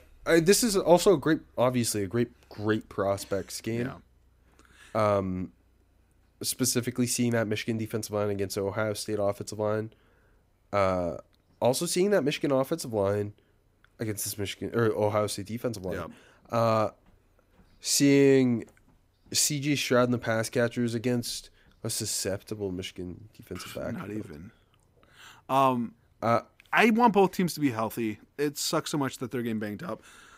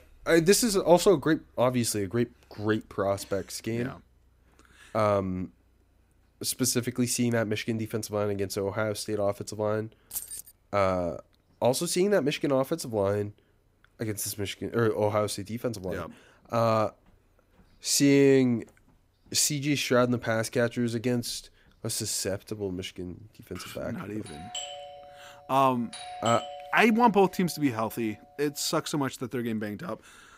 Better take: first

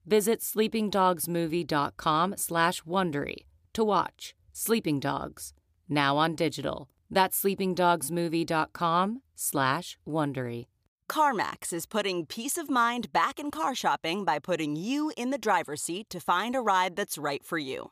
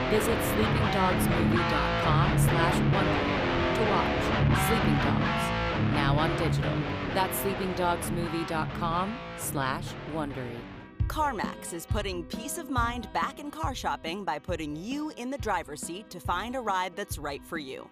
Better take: first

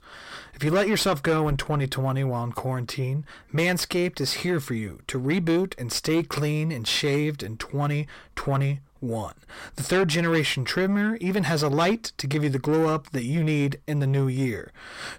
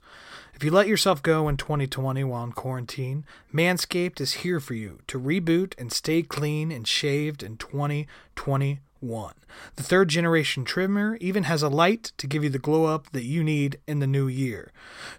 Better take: second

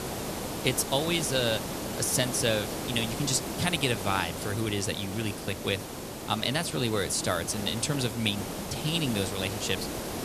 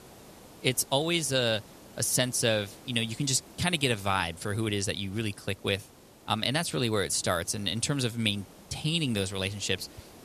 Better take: second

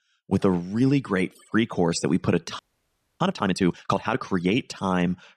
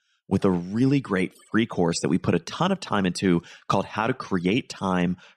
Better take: second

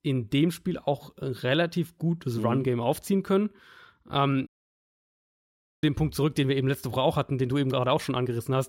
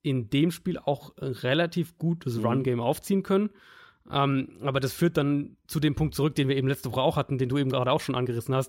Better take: second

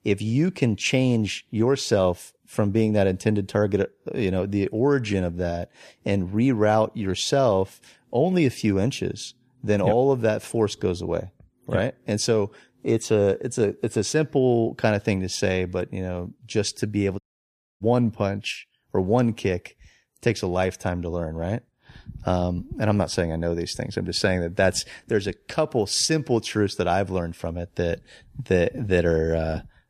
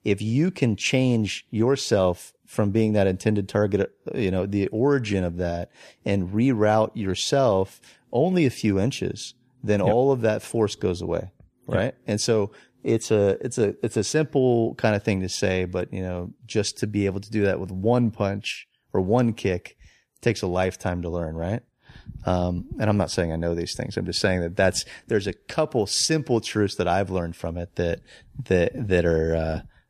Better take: second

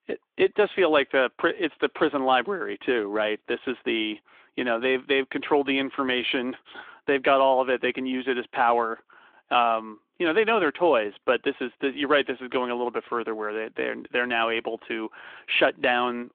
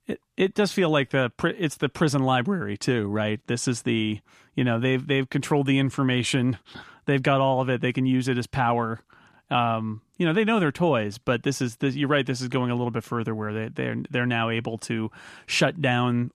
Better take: second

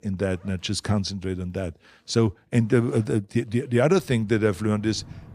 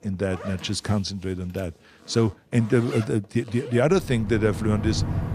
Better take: first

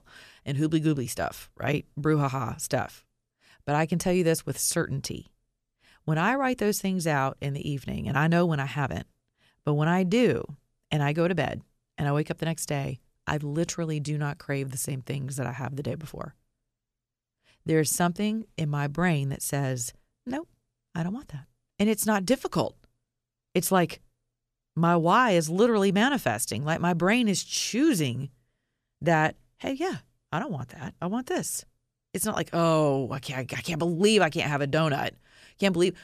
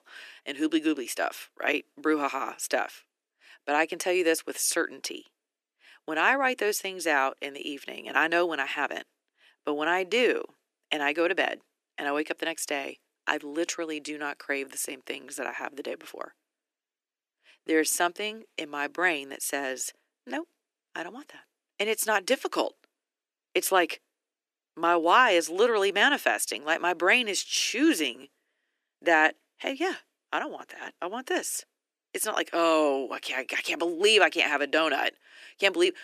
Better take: first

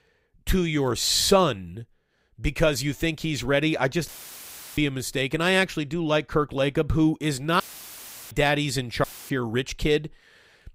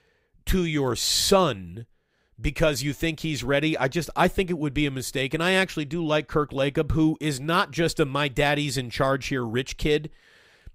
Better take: second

